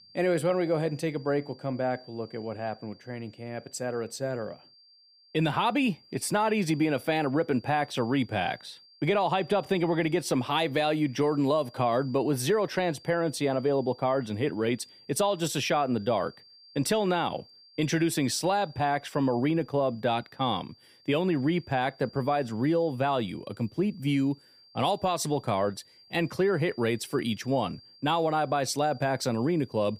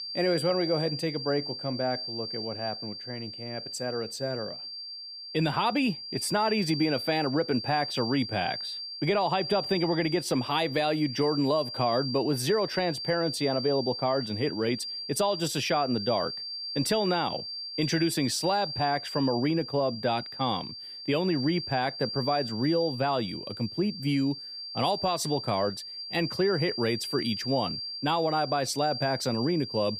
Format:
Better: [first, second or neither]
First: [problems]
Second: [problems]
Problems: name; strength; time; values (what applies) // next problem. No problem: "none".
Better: first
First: high-pitched whine; faint; throughout; 4.5 kHz, 25 dB below the speech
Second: high-pitched whine; loud; throughout; 4.5 kHz, 6 dB below the speech